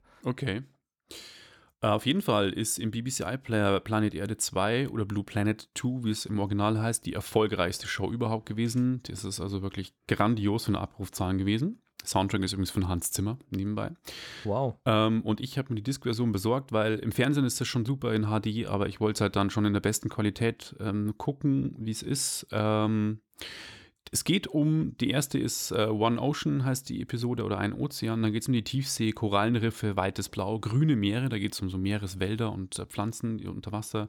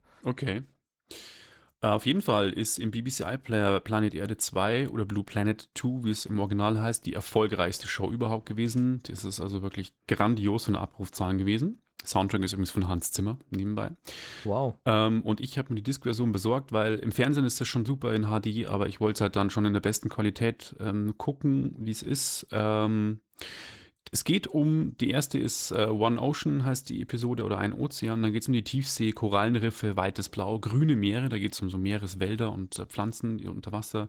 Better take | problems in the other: first | garbled, watery; slightly; nothing above 15.5 kHz

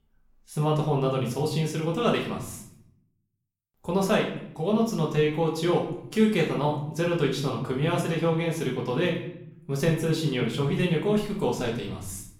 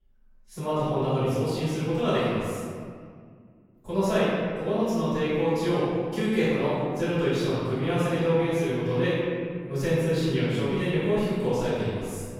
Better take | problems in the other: first | room echo; strong; dies away in 2.1 s; slight in the first // off-mic speech; far; far in the first

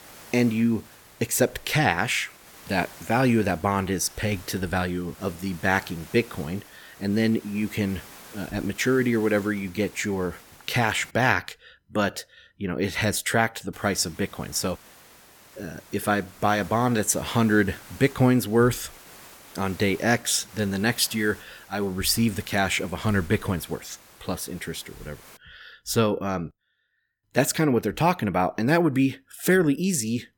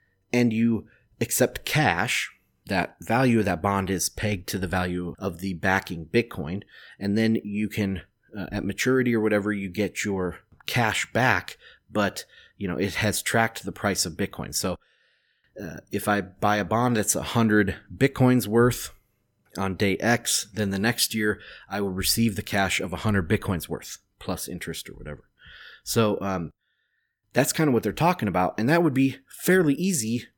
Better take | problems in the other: second | hiss; faint; until 11 s and from 14 to 25 s; 20 dB below the speech

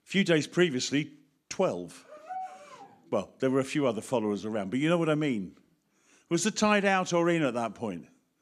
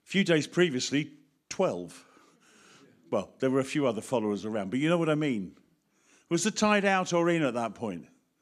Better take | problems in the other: second | dog barking; faint; at 2 s; peak 10 dB below the speech

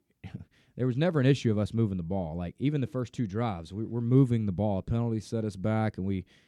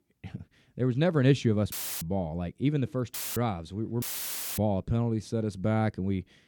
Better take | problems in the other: first | audio cutting out; filled with static; at 1.5 s, at 3 s and at 4 s for 0.5 s

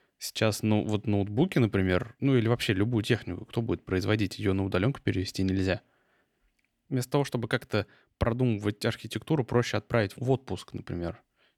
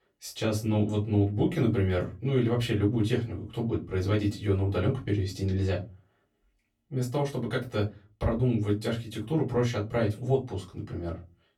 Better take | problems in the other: first | off-mic speech; far // room echo; very slight; dies away in 0.3 s

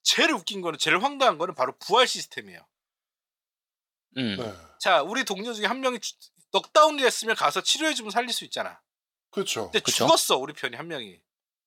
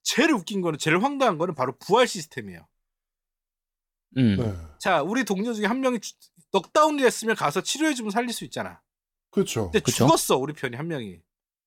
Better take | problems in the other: second | thin; somewhat; fading below 550 Hz

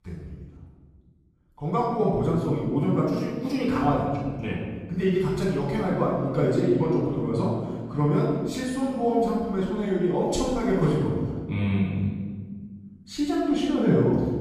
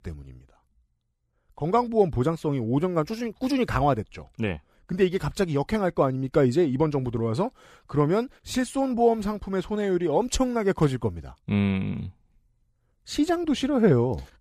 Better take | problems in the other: second | off-mic speech; far // room echo; strong; dies away in 1.5 s

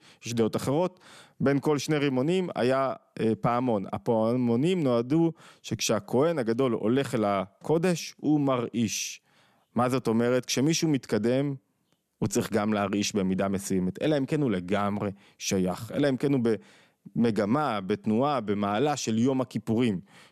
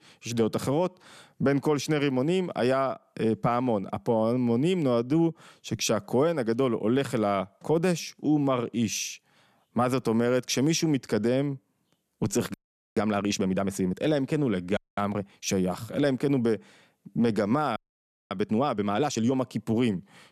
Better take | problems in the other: first | audio freezing; at 13 s, at 15 s and at 18 s for 0.5 s

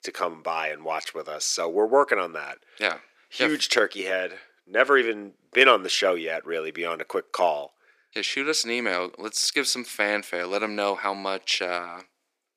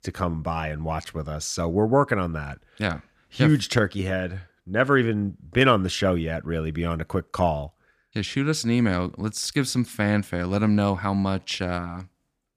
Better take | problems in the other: second | thin; very; fading below 400 Hz

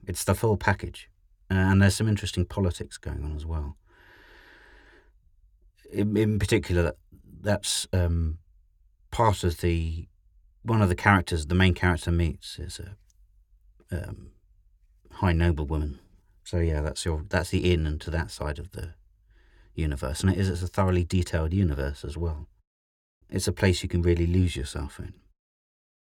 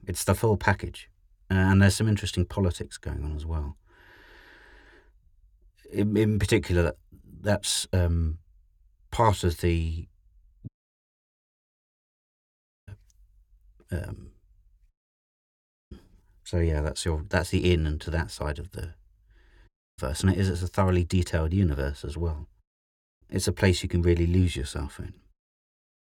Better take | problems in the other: first | audio cutting out; at 11 s for 2 s, at 15 s for 1 s and at 20 s

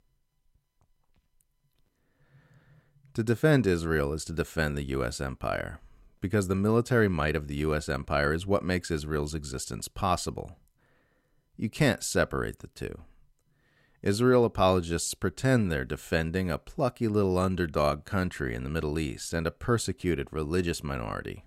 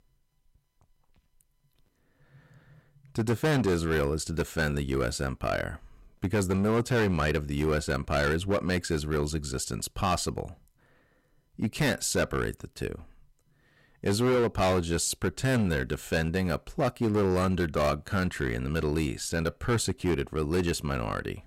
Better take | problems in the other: first | distortion; heavy; 8% of the sound clipped

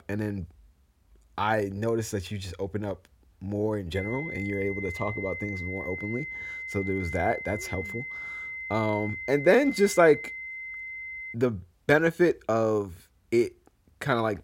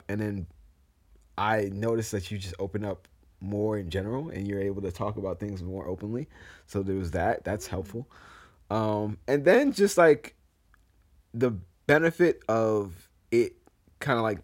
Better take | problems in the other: second | high-pitched whine; loud; from 4 to 11 s; 2 kHz, 8 dB below the speech

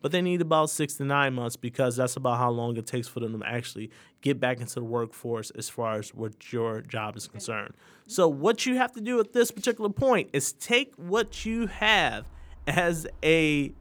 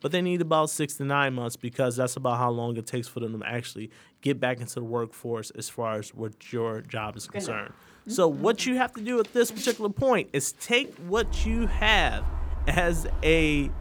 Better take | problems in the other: first | traffic noise; loud; throughout; 9 dB below the speech; faint in the first

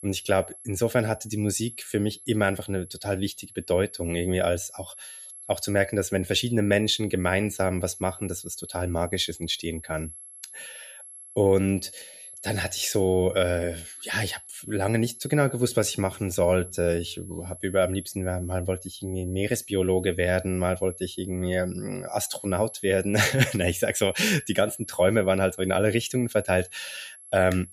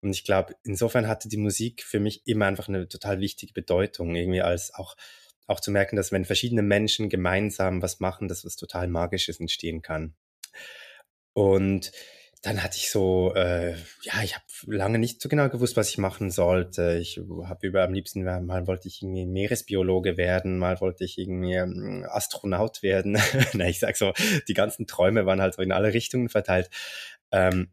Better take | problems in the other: second | high-pitched whine; noticeable; throughout; 11 kHz, 15 dB below the speech

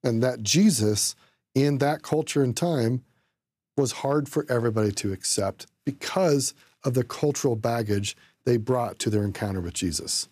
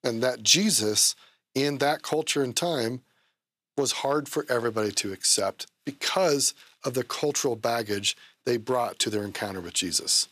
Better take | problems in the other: first | thin; very slightly; fading below 650 Hz

